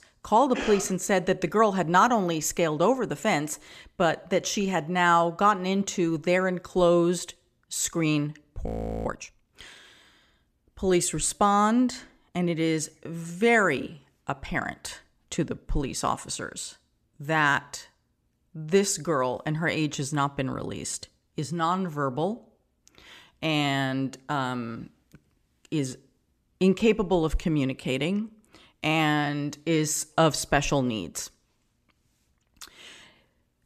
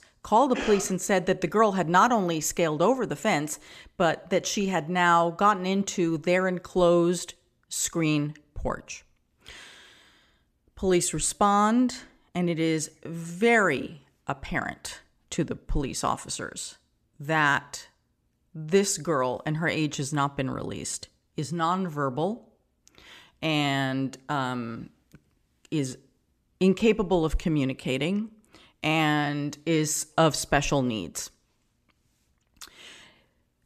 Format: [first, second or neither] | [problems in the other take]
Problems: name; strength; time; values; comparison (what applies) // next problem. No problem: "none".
second | audio freezing; at 8.5 s